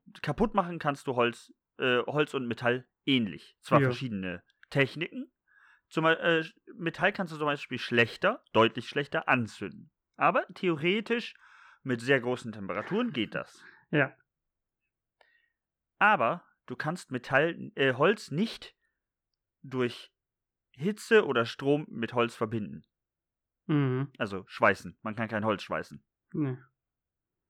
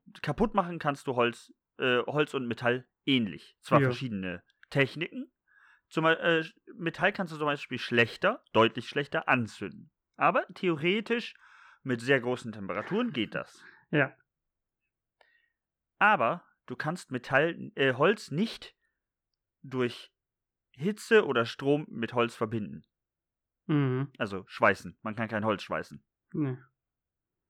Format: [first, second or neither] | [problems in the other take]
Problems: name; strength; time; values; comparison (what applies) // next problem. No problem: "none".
neither | muffled; slightly; fading above 4 kHz; the same in both